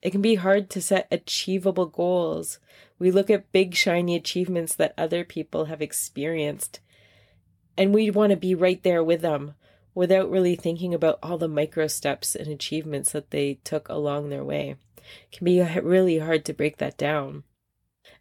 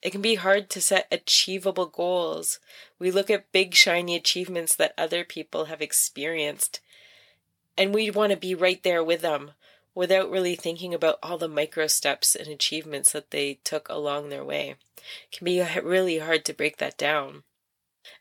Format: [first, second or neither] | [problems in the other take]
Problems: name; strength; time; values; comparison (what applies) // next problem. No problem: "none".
first | thin; somewhat; fading below 1 kHz